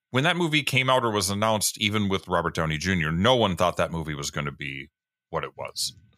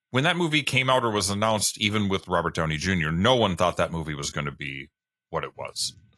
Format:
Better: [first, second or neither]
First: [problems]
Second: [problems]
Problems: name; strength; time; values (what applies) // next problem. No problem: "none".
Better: first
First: none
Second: garbled, watery; slightly; nothing above 11.5 kHz